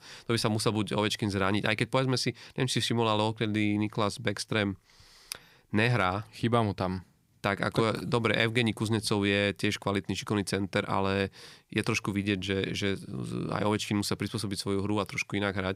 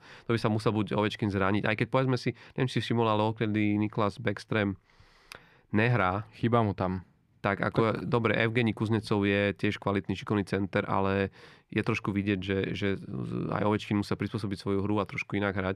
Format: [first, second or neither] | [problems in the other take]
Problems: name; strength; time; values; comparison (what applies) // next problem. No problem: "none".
first | muffled; slightly; fading above 4 kHz